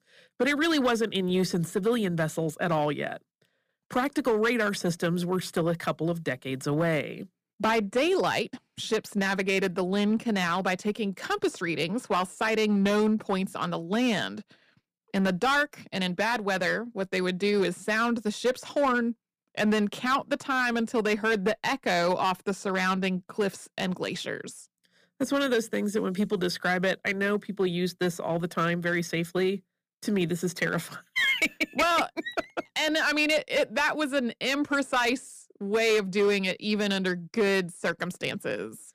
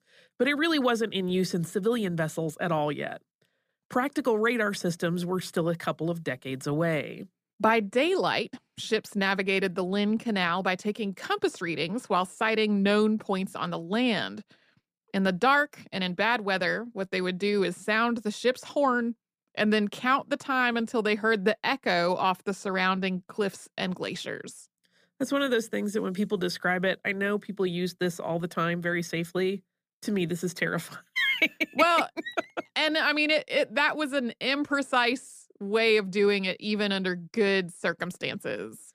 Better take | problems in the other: second | distortion; slight; 5% of the sound clipped

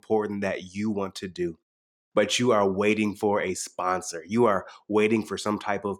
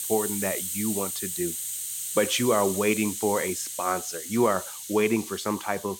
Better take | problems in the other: first | hiss; loud; throughout; 4 dB below the speech

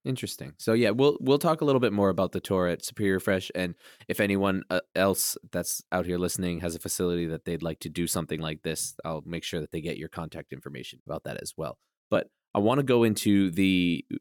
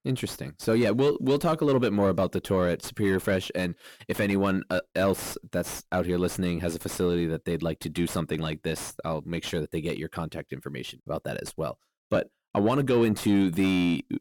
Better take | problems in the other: first | distortion; slight; 10 dB below the speech

